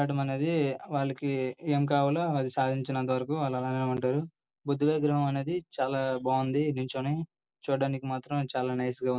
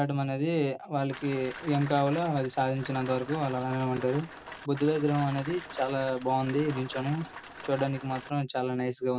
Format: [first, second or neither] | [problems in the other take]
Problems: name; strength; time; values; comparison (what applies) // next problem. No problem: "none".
first | background sound (Rain); 14 dB below the speech